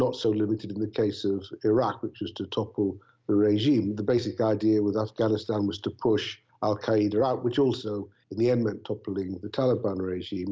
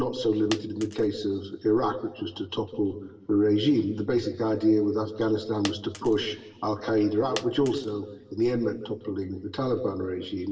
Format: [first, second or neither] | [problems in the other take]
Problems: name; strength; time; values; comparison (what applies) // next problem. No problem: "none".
first | background sound (Coin (dropping)); 17 dB below the speech // room echo; dies away in 1.4 s